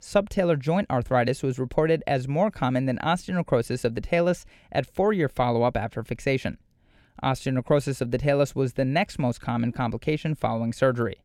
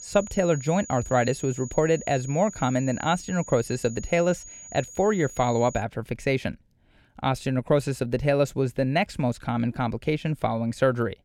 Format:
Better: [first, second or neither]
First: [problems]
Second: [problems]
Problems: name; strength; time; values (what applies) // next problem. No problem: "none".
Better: first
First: none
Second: high-pitched whine; noticeable; until 6 s; 7 kHz, 15 dB below the speech